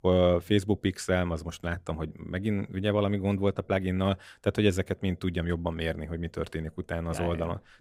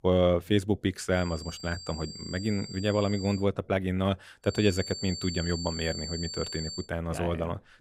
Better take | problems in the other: first | high-pitched whine; loud; from 1 to 3.5 s and from 4.5 to 7 s; 4.5 kHz, 9 dB below the speech

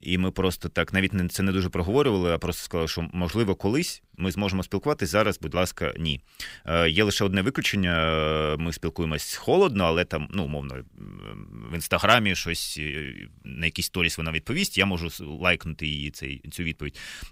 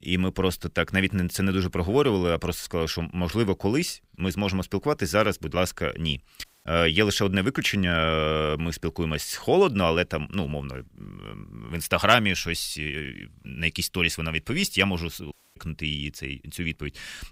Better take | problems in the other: first | audio cutting out; at 6.5 s and at 15 s

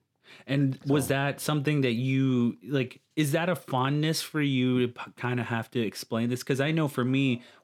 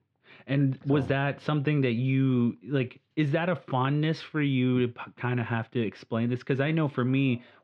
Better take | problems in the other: first | muffled; slightly; fading above 3 kHz

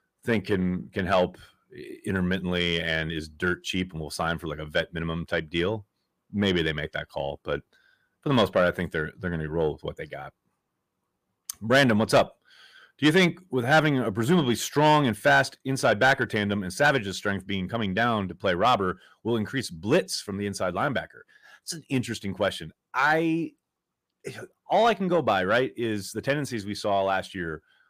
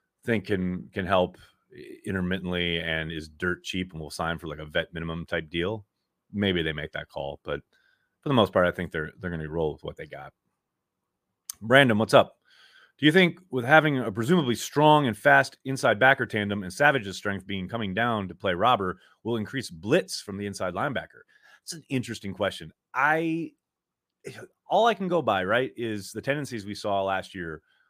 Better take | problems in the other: second | distortion; slight; 10 dB below the speech

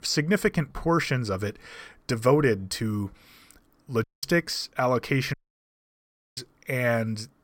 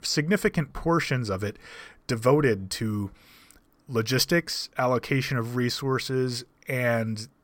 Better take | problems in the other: second | audio cutting out; at 4 s and at 5.5 s for 1 s

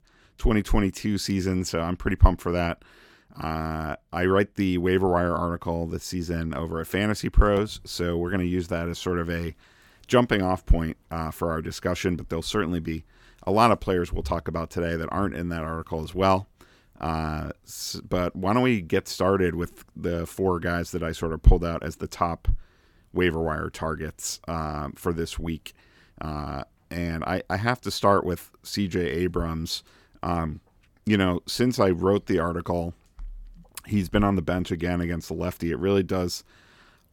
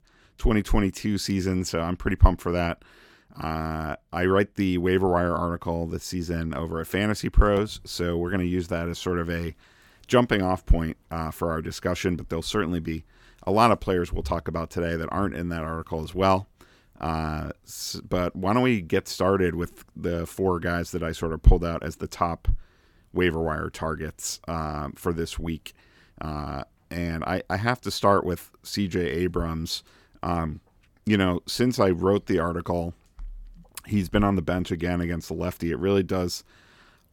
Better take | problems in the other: neither | none

